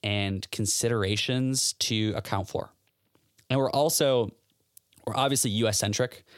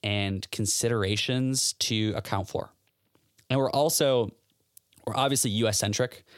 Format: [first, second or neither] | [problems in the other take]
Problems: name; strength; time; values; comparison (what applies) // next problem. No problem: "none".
neither | none